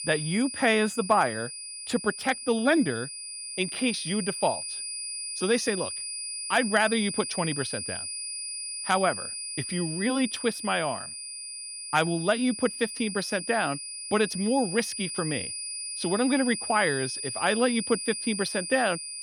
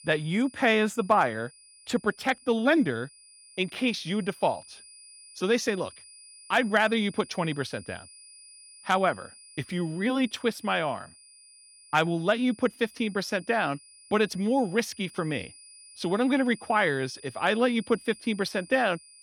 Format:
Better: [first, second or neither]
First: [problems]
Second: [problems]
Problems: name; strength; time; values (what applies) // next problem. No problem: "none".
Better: second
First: high-pitched whine; loud; throughout; 9.5 kHz, 6 dB below the speech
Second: high-pitched whine; faint; throughout; 9.5 kHz, 20 dB below the speech